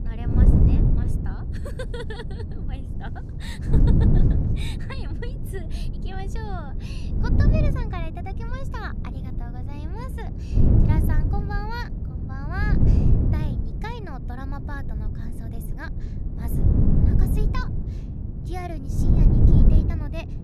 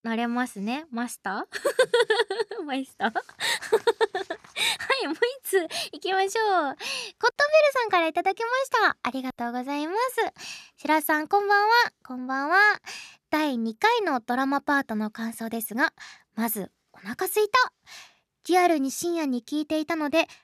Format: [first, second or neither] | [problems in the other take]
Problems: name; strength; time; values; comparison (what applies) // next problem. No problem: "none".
second | wind noise on the microphone; heavy; 1 dB above the speech